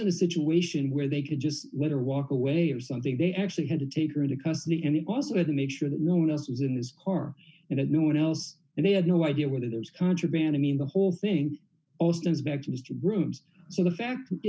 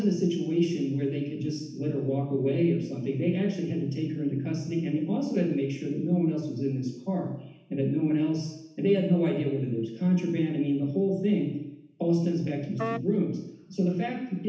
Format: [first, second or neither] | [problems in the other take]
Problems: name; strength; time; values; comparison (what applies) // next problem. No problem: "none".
first | background sound (Wind instrument, woodwind instrument); 9 dB below the speech // room echo; dies away in 0.8 s